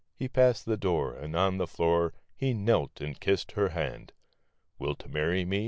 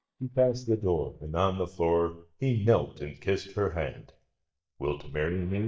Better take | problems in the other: first | noise reduction (neural mask model DeepFilterNet 3)

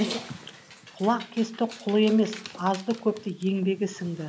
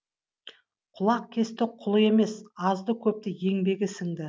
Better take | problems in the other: second | background sound (Dog); 11 dB below the speech

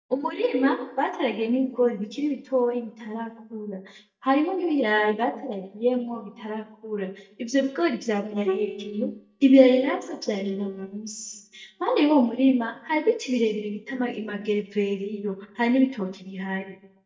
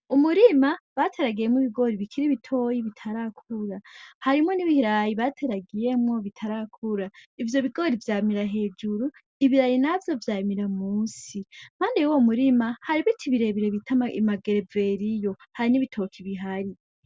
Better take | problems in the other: second | noise reduction (neural mask model DeepFilterNet 3)

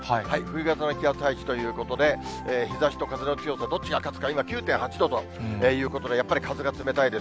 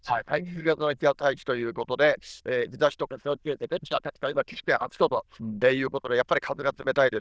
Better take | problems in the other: first | noise reduction (neural diffusion model UNIVERSE++)

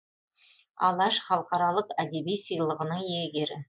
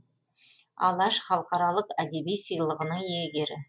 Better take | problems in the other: second | noise reduction (neural mask model Resemble Enhance denoiser)

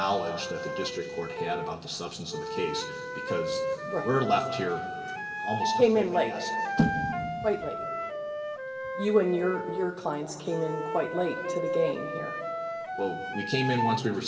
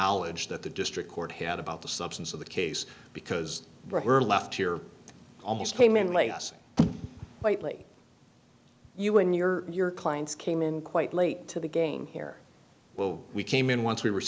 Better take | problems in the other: second | background sound (Wind instrument, woodwind instrument); 4 dB below the speech // room echo; dies away in 2.2 s

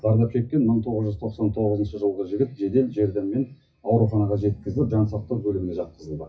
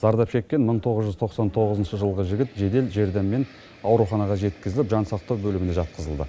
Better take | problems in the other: second | noise reduction (classical method WPE with log-MMSE)

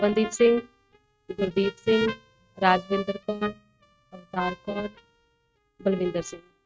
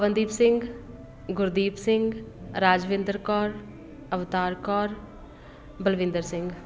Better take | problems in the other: second | noise reduction (neural mask model RNNoise)

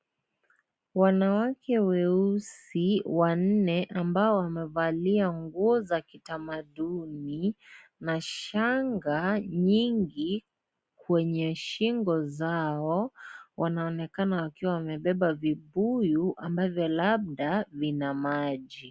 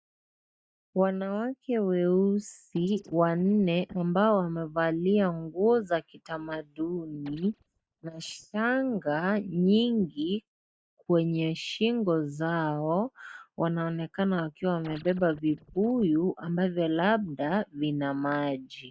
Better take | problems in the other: first | noise reduction (neural mask model DeepFilterNet 3)

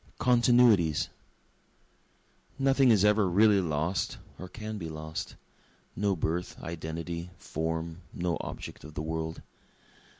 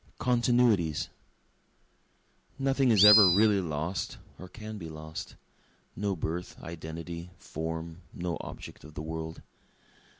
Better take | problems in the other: first | background sound (Animal); 5 dB above the speech

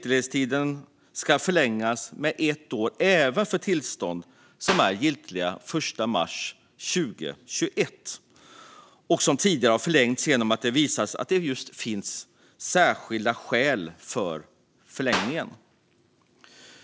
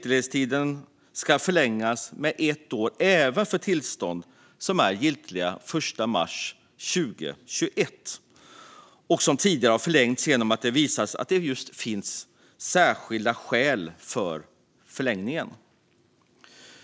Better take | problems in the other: second | background sound (Clapping); 4 dB below the speech

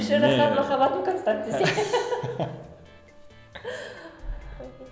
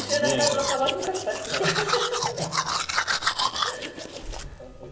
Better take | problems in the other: first | background sound (Domestic sounds, home sounds); as loud as the speech // room echo; dies away in 0.6 s

